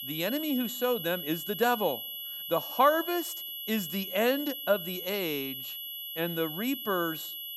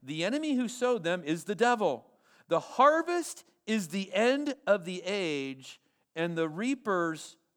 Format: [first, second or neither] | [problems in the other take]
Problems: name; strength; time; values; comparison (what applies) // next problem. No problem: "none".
second | high-pitched whine; loud; throughout; 3 kHz, 6 dB below the speech